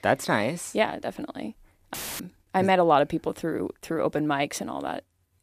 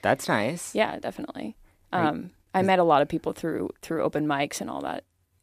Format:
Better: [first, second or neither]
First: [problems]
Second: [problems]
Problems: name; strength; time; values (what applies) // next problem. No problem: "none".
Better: second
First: audio cutting out; filled with static; at 2 s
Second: none